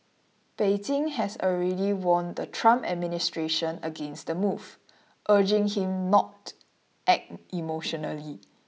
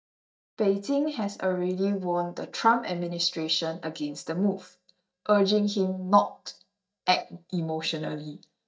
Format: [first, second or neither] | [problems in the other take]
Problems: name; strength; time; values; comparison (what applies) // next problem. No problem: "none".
first | noise reduction (neural mask model DeepFilterNet 3)